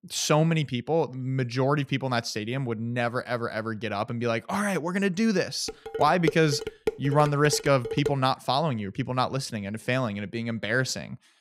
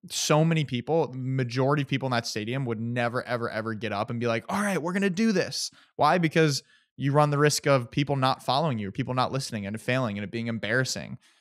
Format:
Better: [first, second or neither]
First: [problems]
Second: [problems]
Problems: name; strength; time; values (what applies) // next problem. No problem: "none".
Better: second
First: clattering dishes; noticeable; from 5.5 to 8 s; peak 4 dB below the speech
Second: none